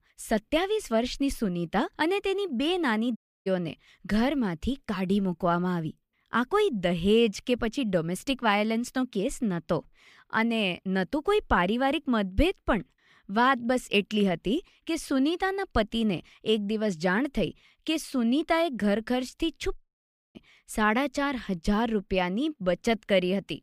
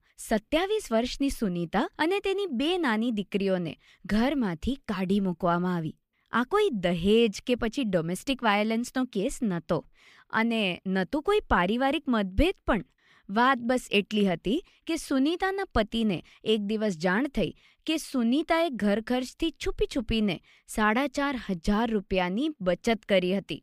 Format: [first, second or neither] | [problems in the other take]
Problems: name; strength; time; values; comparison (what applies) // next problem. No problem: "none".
second | audio cutting out; at 3 s and at 20 s for 0.5 s